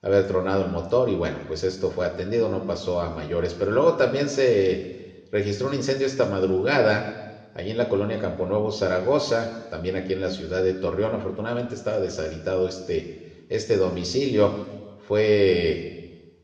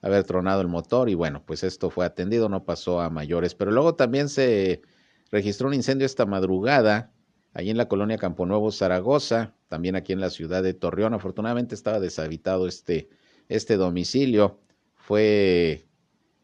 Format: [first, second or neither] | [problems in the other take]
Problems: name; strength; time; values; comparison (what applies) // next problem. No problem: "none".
second | room echo; slight; dies away in 1.1 s